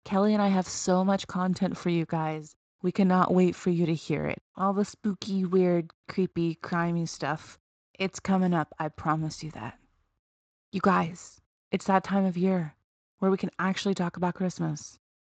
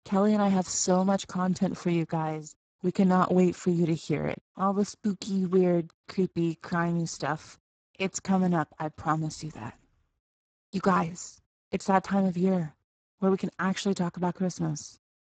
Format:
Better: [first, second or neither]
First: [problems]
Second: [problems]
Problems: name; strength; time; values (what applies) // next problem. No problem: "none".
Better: first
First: garbled, watery; slightly; nothing above 7.5 kHz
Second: garbled, watery; badly; nothing above 7.5 kHz